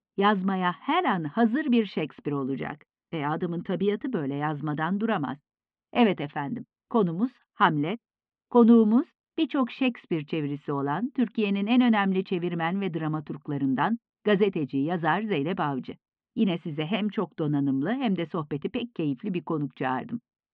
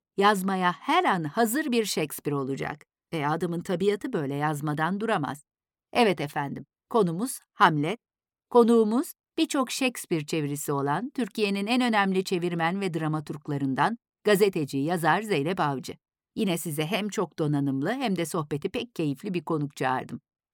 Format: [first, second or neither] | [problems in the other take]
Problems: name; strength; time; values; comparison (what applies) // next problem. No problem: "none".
second | muffled; very; fading above 3 kHz